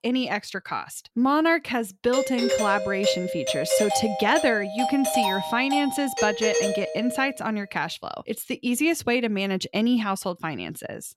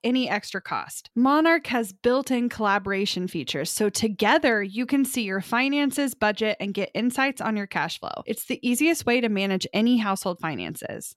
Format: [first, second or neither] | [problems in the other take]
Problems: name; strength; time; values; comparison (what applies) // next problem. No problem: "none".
second | doorbell; loud; from 2 to 7 s; peak 1 dB above the speech